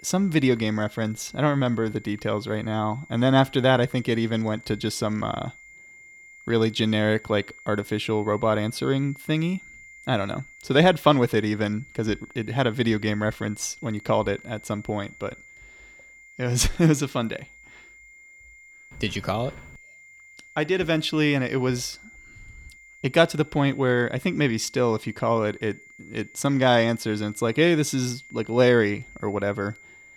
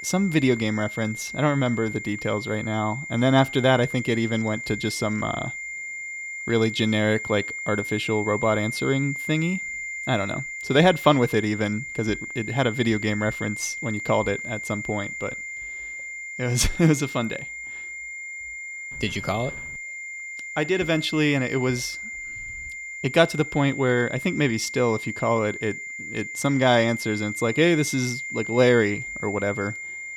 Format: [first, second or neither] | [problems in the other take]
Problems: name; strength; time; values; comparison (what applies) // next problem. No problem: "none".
first | high-pitched whine; loud; throughout; 2 kHz, 8 dB below the speech; faint in the first